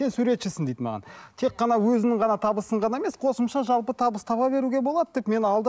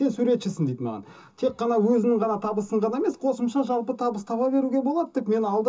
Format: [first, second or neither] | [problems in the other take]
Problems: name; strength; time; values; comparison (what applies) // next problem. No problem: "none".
first | room echo; dies away in 0.2 s